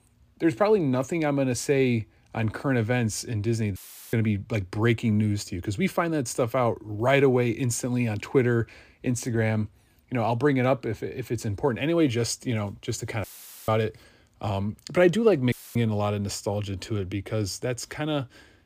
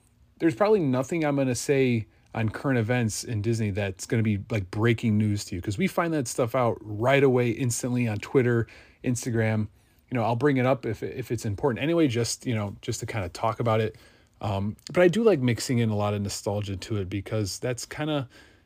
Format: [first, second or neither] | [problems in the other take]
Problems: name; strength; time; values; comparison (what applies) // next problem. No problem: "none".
second | audio cutting out; filled with static; at 4 s, at 13 s and at 16 s